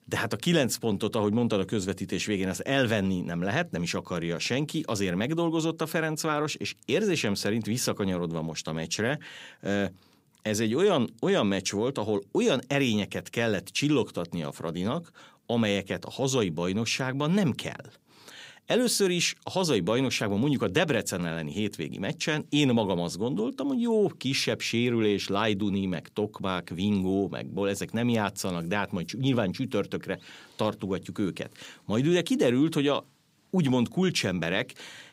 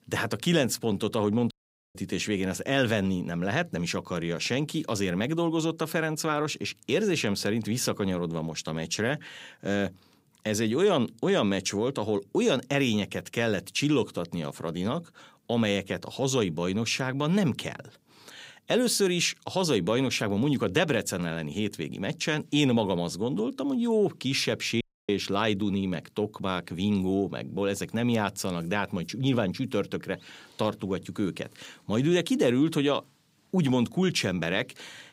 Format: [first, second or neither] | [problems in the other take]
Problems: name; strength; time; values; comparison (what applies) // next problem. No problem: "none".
first | audio cutting out; at 1.5 s and at 25 s